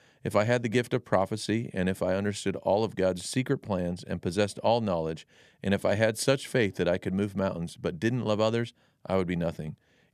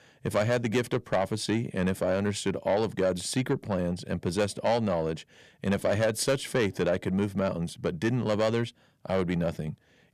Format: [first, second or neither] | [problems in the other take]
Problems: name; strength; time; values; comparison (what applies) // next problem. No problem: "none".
first | distortion; slight; 10 dB below the speech